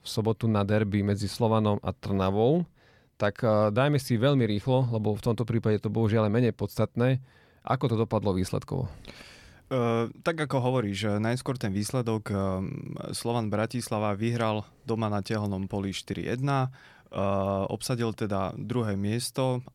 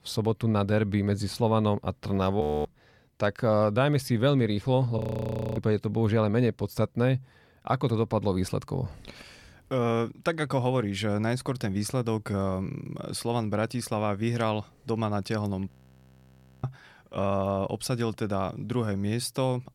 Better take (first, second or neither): first